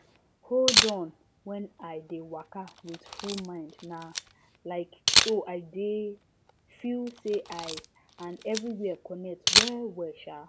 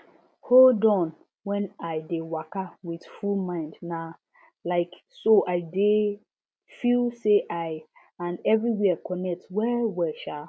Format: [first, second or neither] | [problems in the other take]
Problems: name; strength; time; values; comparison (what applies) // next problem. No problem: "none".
second | background sound (Camera); 3 dB above the speech